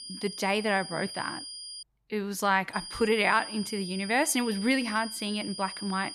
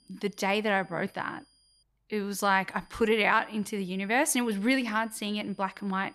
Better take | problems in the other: second | high-pitched whine; loud; until 2 s and from 2.5 s on; 5 kHz, 10 dB below the speech; faint in the second

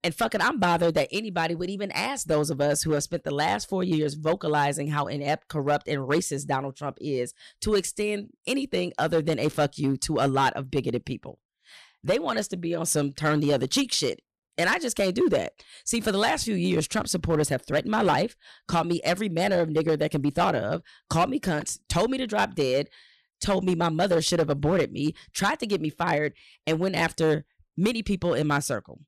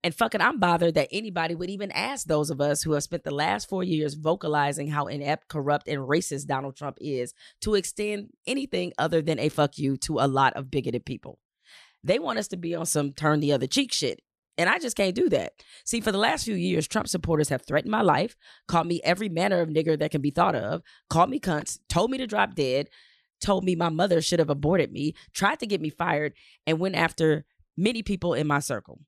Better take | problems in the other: second | distortion; slight; 4% of the sound clipped

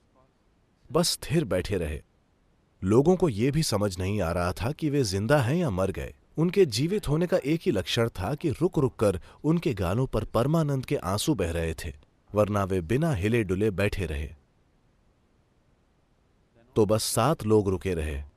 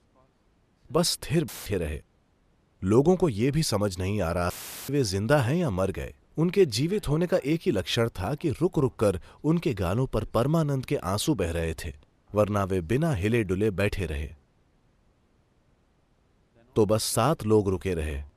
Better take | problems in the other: first | audio cutting out; filled with static; at 1.5 s and at 4.5 s

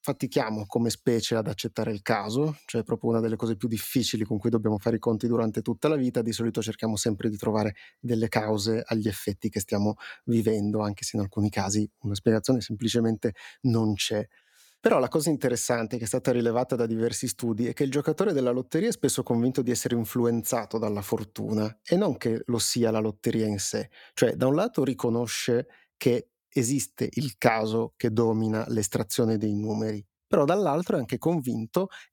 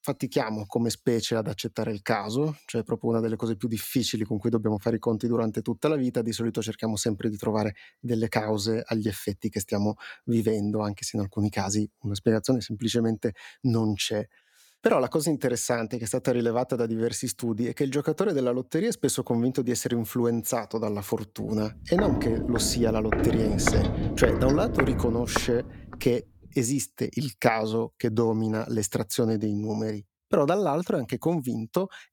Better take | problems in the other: first | footsteps; loud; from 22 to 26 s; peak 3 dB above the speech

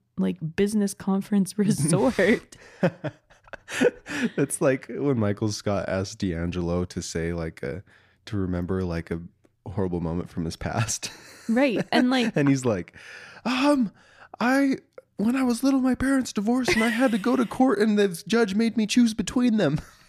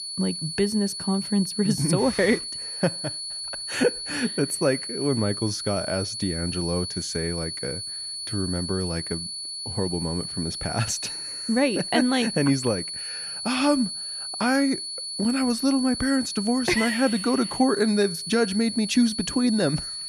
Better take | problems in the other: first | high-pitched whine; loud; throughout; 4.5 kHz, 5 dB below the speech

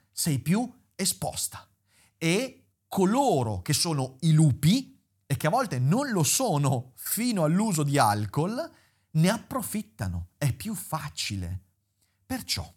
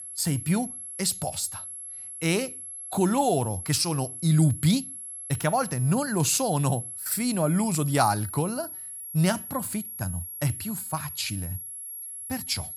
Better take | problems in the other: first | high-pitched whine; loud; throughout; 11 kHz, 9 dB below the speech

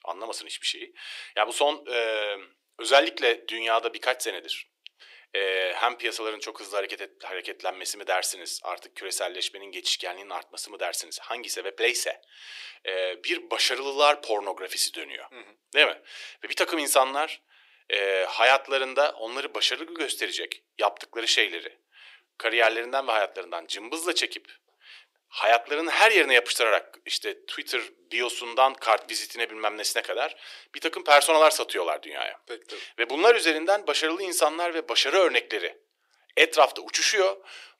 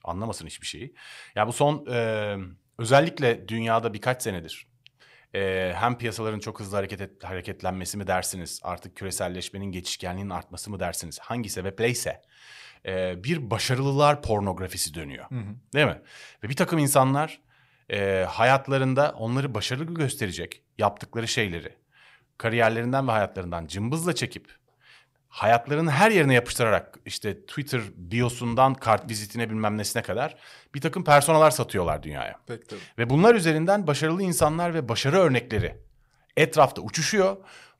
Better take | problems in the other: second | thin; very; fading below 350 Hz

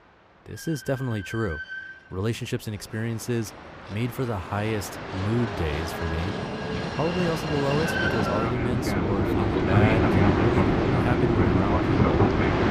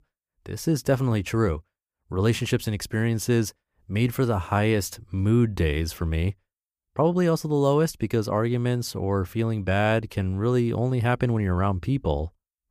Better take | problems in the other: second | train or aircraft noise; very loud; throughout; 5 dB above the speech

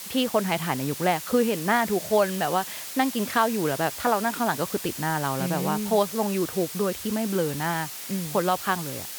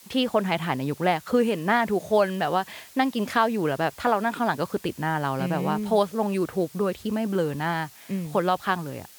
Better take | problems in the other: second | hiss; loud; throughout; 8 dB below the speech; faint in the second

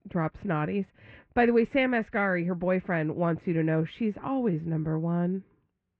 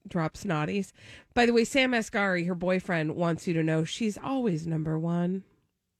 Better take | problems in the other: second | muffled; very; fading above 2 kHz

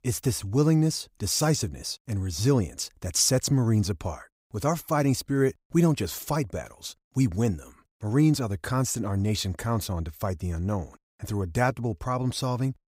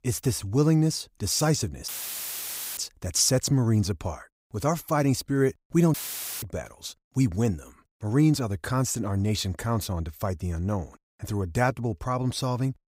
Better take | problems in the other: first | audio cutting out; filled with static; at 2 s for 1 s and at 6 s

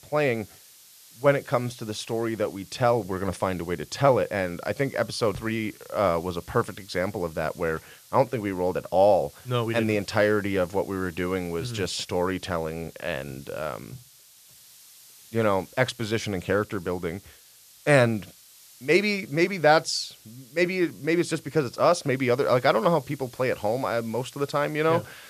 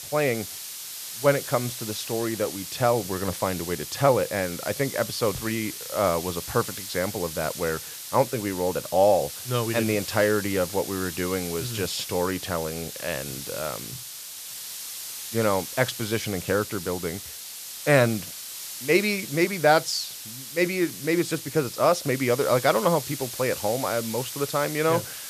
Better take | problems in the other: first | hiss; loud; throughout; 8 dB below the speech; faint in the first

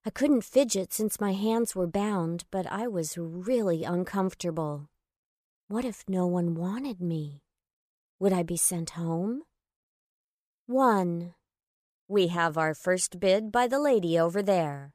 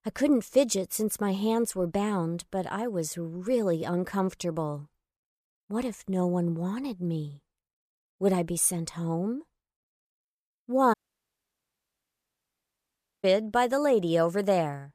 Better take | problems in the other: first | audio cutting out; at 11 s for 2.5 s

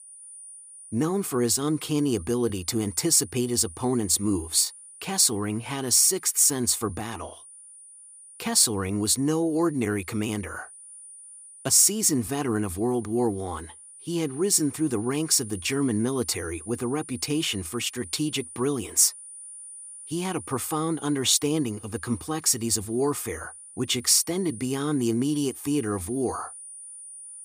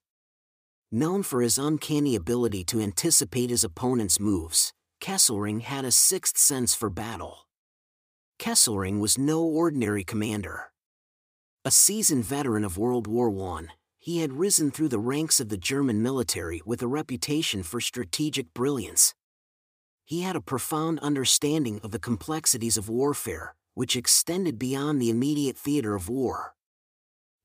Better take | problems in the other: second | high-pitched whine; noticeable; throughout; 9.5 kHz, 15 dB below the speech

